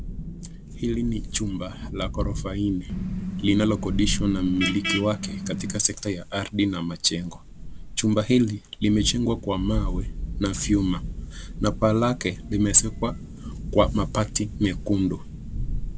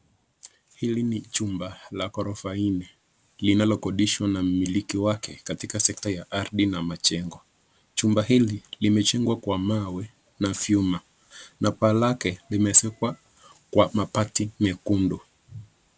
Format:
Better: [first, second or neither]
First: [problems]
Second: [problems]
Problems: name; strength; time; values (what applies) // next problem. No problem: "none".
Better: second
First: background sound (Thunderstorm + Vehicle horn, car horn, honking); 6 dB below the speech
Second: none